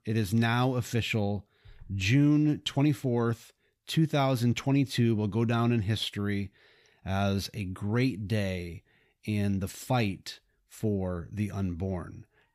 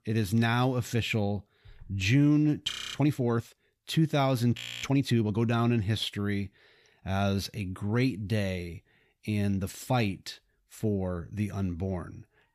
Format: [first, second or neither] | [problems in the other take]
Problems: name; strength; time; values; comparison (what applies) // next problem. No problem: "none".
first | audio freezing; at 2.5 s and at 4.5 s